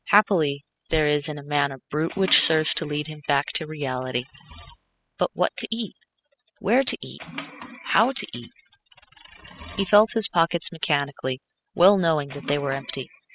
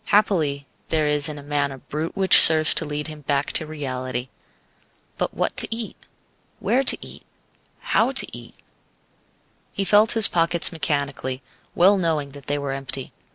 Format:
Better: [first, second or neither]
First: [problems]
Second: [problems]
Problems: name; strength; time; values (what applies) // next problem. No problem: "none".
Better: second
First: noise reduction (classical method spectral subtraction)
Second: none